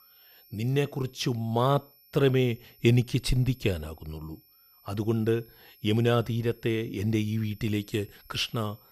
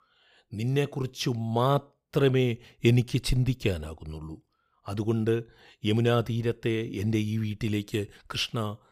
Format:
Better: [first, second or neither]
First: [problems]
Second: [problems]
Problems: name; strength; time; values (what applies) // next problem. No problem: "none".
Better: second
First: high-pitched whine; faint; throughout; 12 kHz, 30 dB below the speech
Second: none